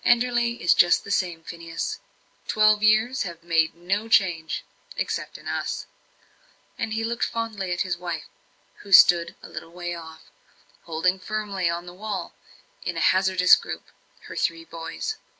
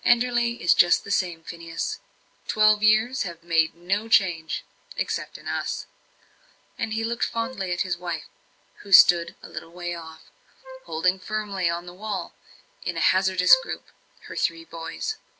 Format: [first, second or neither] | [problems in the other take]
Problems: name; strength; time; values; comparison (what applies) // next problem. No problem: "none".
first | background sound (Wind instrument, woodwind instrument); 14 dB below the speech